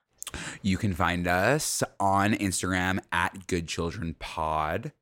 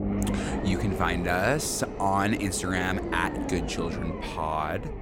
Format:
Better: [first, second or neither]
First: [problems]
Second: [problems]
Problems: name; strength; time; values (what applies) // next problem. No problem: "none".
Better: first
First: none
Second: low rumble; loud; throughout; 8 dB below the speech